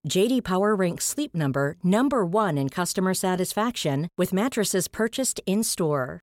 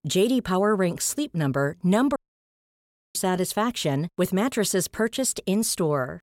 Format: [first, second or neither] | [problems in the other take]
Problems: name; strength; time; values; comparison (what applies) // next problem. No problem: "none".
first | audio cutting out; at 2 s for 1 s